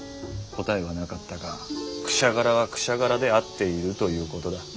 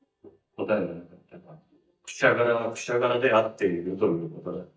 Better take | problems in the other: first | noise reduction (neural mask model DeepFilterNet 3)

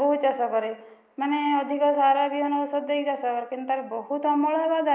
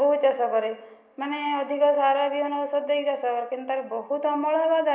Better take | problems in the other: first | room echo; dies away in 0.6 s

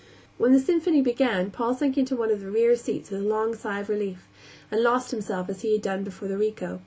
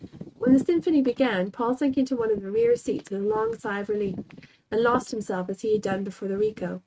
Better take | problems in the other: first | noise reduction (neural mask model RNNoise)

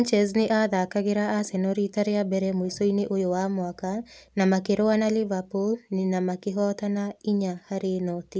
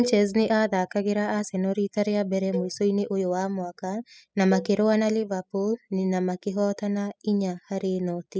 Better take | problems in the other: first | noise reduction (classical method spectral subtraction)

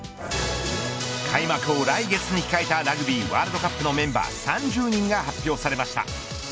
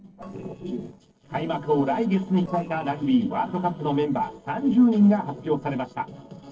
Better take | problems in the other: first | noise reduction (neural separator model SepFormer DNS4)

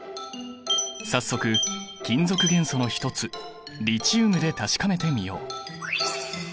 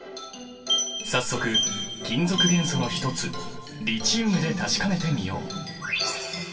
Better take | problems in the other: first | room echo; dies away in 2.4 s

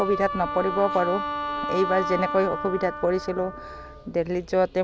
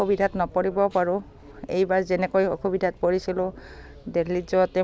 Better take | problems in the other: second | background sound (Wind instrument, woodwind instrument); 6 dB below the speech

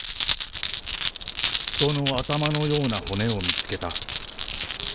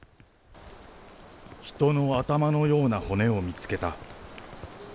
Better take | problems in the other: second | background sound (Glass); 1 dB below the speech

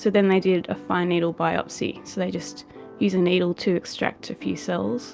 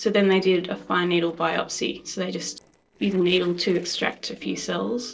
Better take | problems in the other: first | noise reduction (neural separator model SepFormer DNS4)

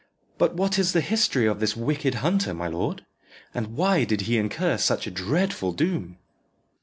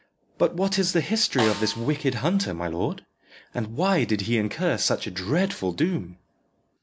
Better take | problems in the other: first | background sound (Snare drum); 12 dB below the speech

